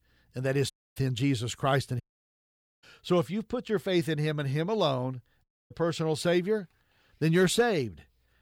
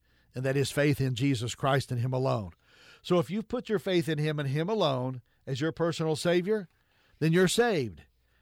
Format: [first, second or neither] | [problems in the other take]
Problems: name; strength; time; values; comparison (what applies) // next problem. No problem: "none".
second | audio cutting out; at 0.5 s, at 2 s for 1 s and at 5.5 s